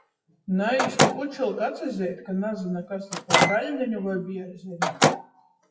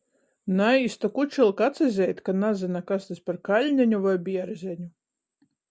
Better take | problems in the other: second | noise reduction (classical method WPE with log-MMSE)

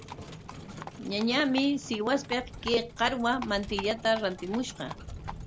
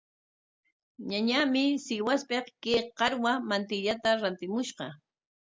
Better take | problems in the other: second | background sound (Livestock, farm animals, working animals); 12 dB below the speech

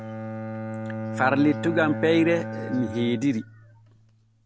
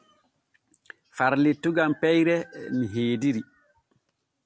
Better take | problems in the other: second | background sound (Bowed string instrument); 8 dB below the speech

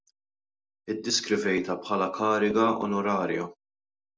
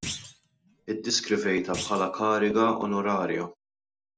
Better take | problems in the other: first | background sound (Thump, thud); 14 dB below the speech

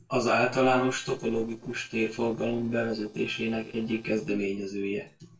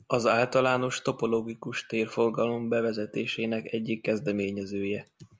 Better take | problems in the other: second | noise reduction (neural separator model SepFormer DNS4)

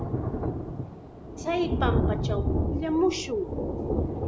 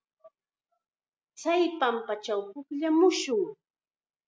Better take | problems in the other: second | background sound (Thunder); 3 dB above the speech

